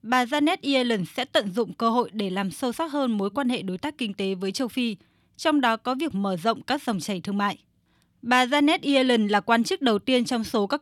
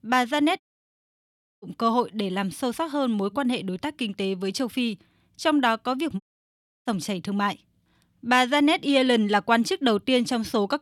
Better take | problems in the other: first | audio cutting out; at 0.5 s for 1 s and at 6 s for 0.5 s

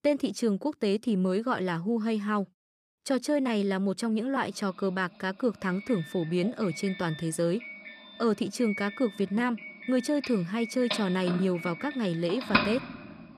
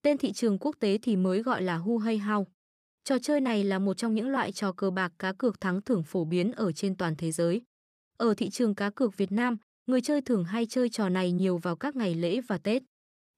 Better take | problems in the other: second | doorbell; loud; from 10 to 13 s; peak 3 dB above the speech

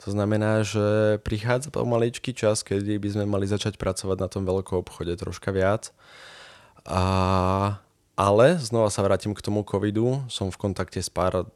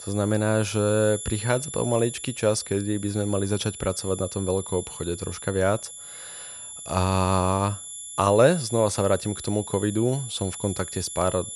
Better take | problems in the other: first | high-pitched whine; noticeable; throughout; 11 kHz, 10 dB below the speech

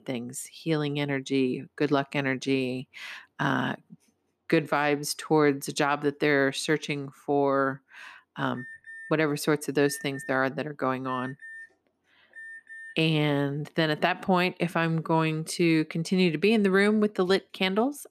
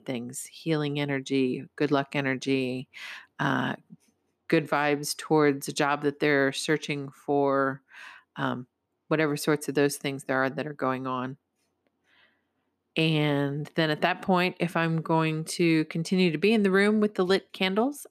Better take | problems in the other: second | alarm; faint; from 8.5 to 13 s; peak 15 dB below the speech

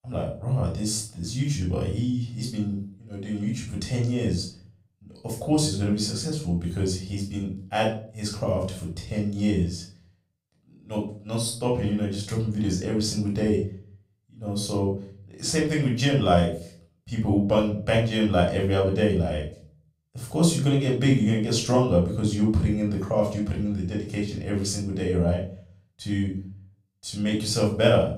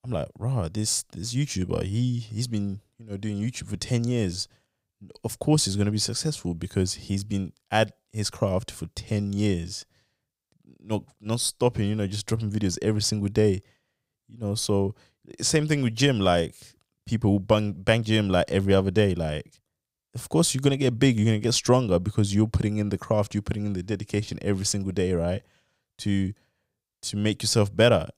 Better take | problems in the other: second | off-mic speech; far // room echo; slight; dies away in 0.4 s

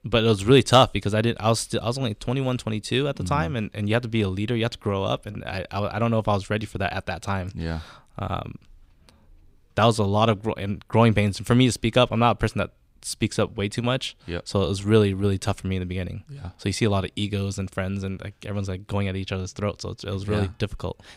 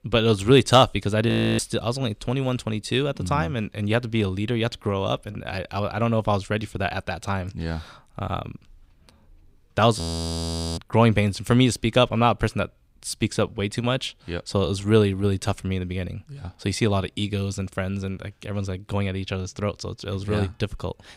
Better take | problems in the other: first | audio freezing; at 1.5 s and at 10 s for 1 s

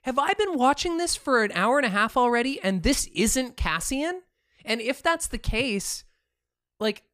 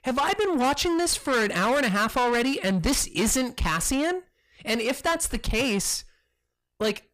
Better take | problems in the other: first | distortion; heavy; 7 dB below the speech

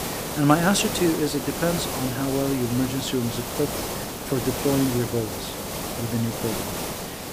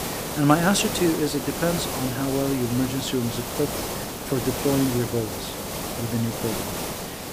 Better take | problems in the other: neither | hiss; loud; throughout; 4 dB below the speech; the same in both

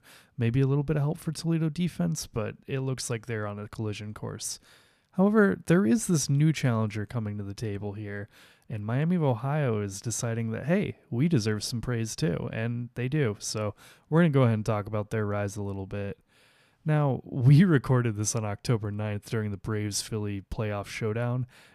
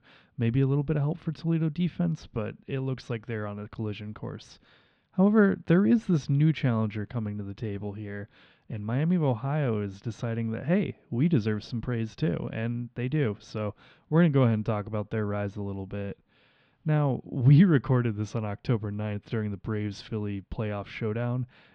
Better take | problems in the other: first | muffled; slightly; fading above 3.5 kHz

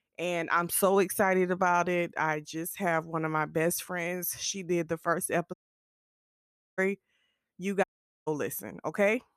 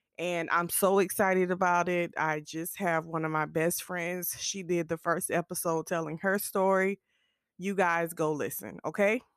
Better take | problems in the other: second | audio cutting out; at 5.5 s for 1 s and at 8 s

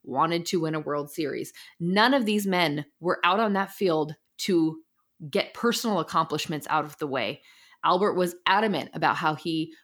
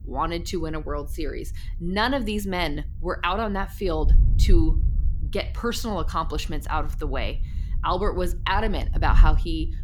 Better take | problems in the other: first | wind noise on the microphone; occasional gusts; 20 dB below the speech

